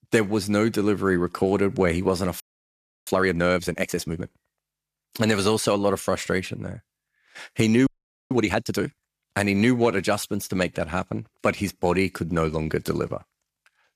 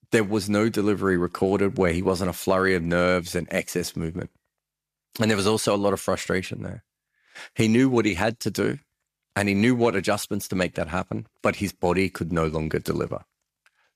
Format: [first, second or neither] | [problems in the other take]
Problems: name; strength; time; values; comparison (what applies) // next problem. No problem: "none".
second | audio freezing; at 2.5 s for 0.5 s and at 8 s